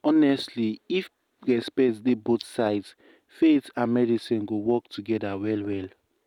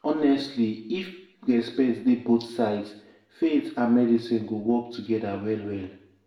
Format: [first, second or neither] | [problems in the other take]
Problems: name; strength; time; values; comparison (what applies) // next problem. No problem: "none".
first | room echo; dies away in 0.7 s